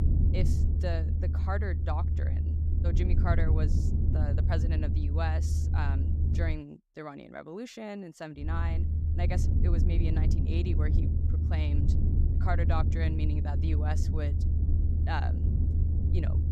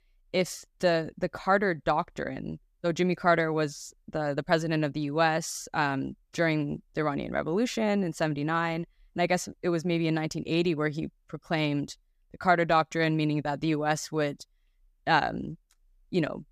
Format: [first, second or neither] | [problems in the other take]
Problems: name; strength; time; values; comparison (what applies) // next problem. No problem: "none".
second | low rumble; loud; until 6.5 s and from 8.5 s on; 4 dB below the speech